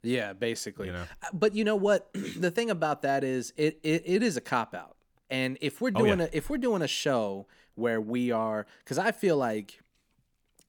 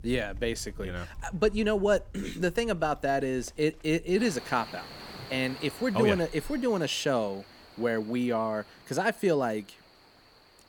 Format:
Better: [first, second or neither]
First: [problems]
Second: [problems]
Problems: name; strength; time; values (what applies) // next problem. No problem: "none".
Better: first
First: none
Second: animal sounds; noticeable; throughout; 20 dB below the speech